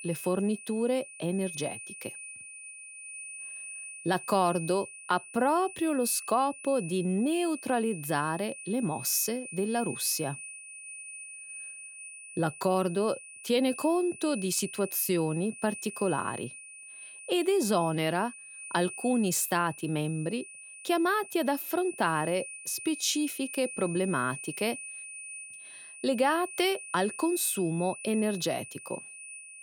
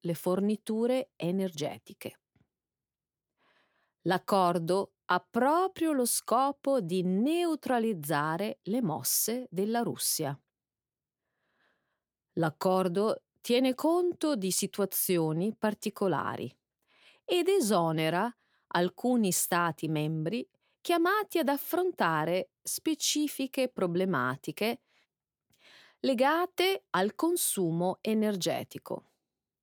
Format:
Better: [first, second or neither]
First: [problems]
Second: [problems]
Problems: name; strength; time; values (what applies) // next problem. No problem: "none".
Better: second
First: high-pitched whine; noticeable; throughout; 2.5 kHz, 10 dB below the speech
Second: none